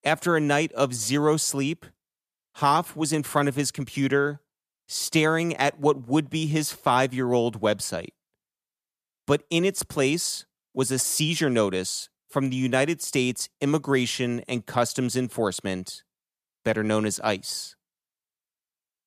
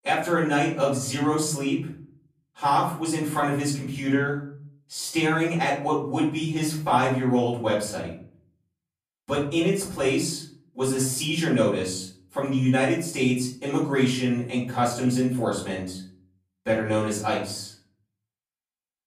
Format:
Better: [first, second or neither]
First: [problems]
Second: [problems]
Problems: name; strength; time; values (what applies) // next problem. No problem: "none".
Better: first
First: none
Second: room echo; noticeable; dies away in 0.5 s // off-mic speech; far